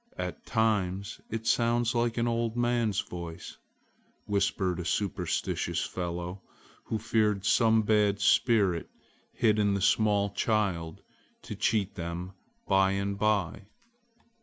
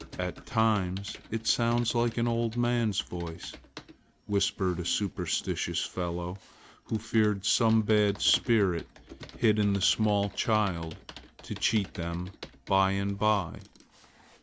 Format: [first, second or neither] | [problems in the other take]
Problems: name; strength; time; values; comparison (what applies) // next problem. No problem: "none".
first | background sound (Computer keyboard); 19 dB below the speech